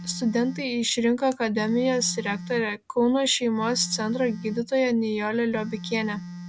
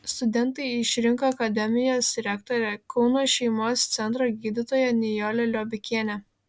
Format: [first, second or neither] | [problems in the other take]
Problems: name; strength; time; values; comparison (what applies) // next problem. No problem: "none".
second | background sound (Telephone); 14 dB below the speech